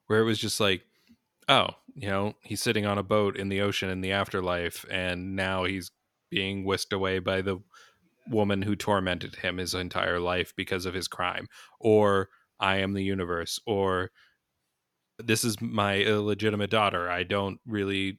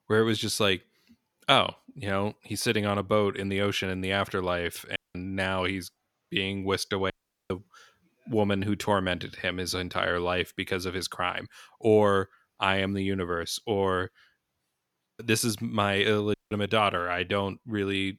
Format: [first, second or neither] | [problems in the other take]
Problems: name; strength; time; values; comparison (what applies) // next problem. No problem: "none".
first | audio cutting out; at 5 s, at 7 s and at 16 s